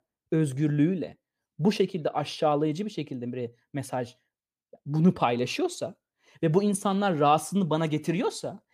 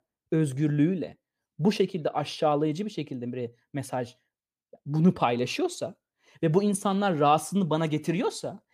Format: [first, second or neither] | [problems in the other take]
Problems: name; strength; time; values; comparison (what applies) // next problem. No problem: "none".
neither | none